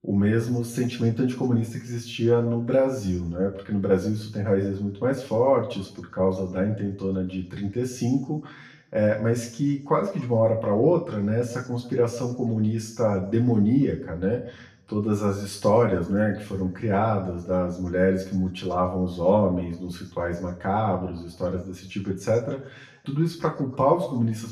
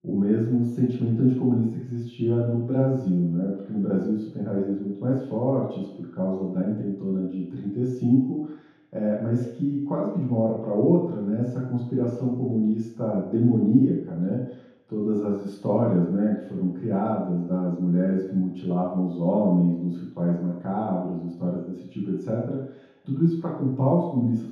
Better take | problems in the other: first | room echo; strong; dies away in 0.8 s; slight in the first // off-mic speech; far; far in the first

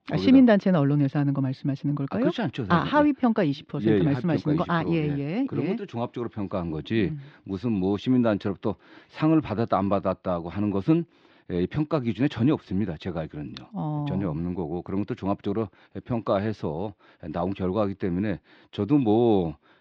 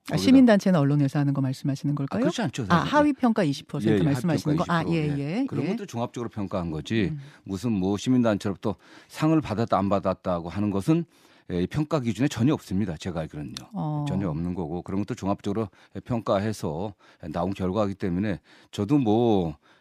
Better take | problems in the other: second | muffled; slightly; fading above 4 kHz

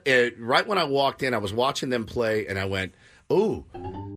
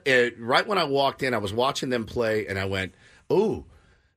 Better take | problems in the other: second | phone ringing; faint; at 3.5 s; peak 10 dB below the speech

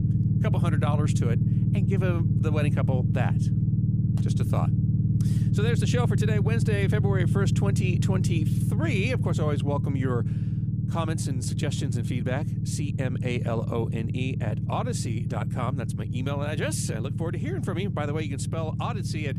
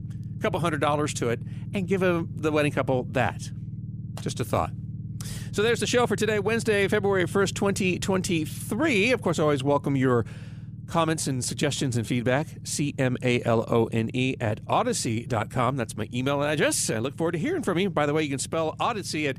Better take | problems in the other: second | low rumble; loud; throughout; 4 dB below the speech; faint in the second

